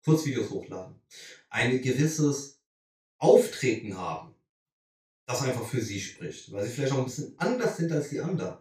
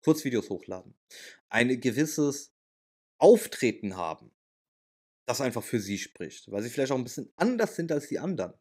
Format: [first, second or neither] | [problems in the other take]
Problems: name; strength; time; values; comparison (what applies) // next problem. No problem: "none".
second | room echo; noticeable; dies away in 0.3 s // off-mic speech; far